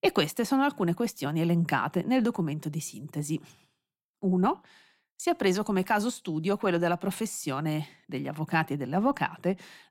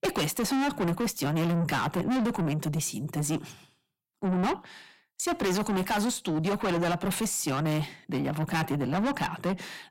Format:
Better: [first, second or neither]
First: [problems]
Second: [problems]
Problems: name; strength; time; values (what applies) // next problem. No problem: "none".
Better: first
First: none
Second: distortion; heavy; 6 dB below the speech